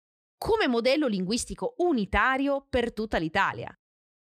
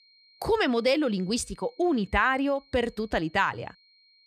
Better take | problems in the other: first | high-pitched whine; faint; throughout; 4 kHz, 30 dB below the speech

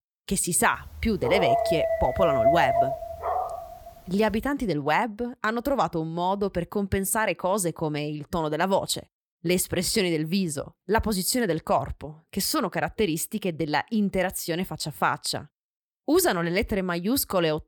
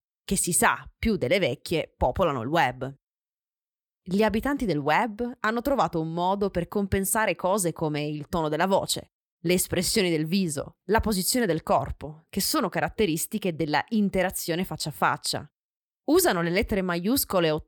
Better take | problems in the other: second | dog barking; loud; from 1 to 3.5 s; peak 4 dB above the speech

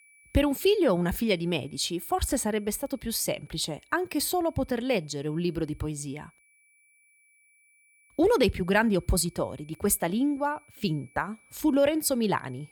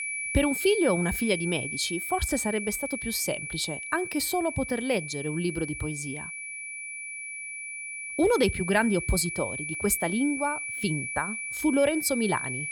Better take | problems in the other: first | high-pitched whine; loud; throughout; 2.5 kHz, 5 dB below the speech; faint in the first

